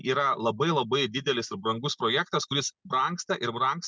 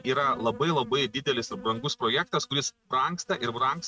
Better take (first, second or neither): first